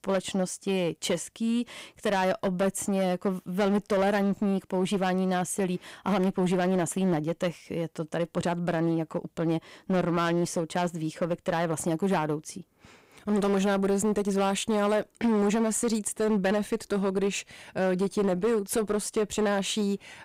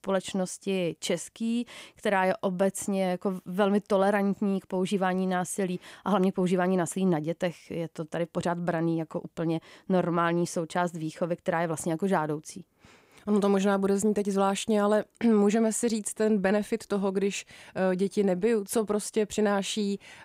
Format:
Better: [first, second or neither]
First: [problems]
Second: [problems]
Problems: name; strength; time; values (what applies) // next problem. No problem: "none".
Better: second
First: distortion; slight; 10% of the sound clipped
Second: none